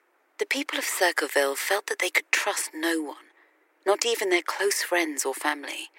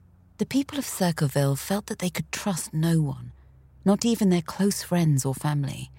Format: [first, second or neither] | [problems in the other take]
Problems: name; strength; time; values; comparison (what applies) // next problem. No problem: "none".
second | thin; very; fading below 300 Hz